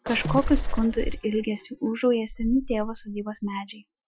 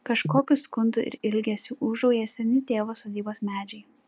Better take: second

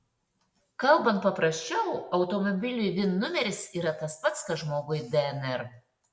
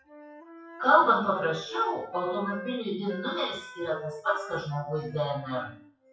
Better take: first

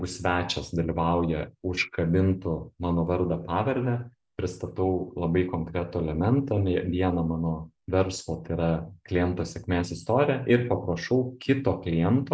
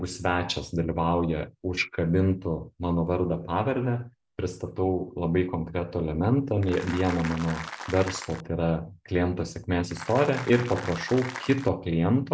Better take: first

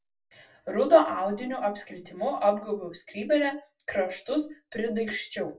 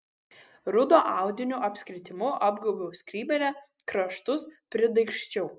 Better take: second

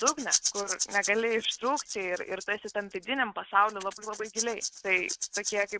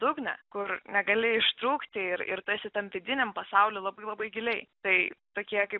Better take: second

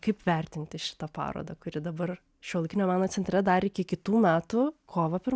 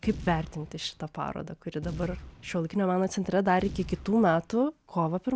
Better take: first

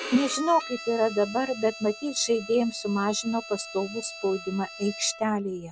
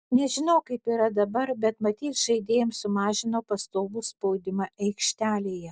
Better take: second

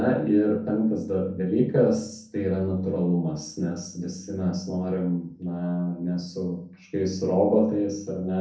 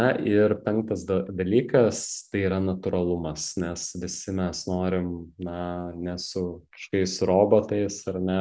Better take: second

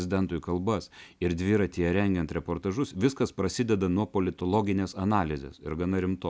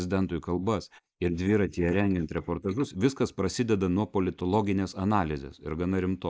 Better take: first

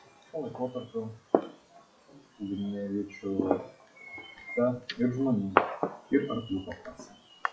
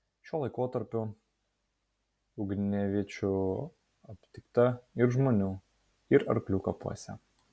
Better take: second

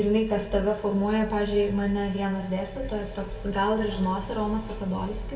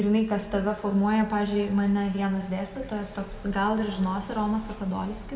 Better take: second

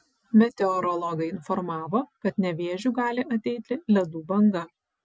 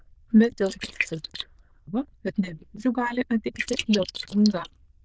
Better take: first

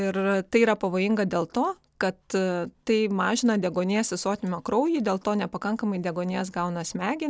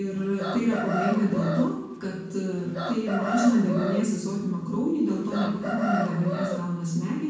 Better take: first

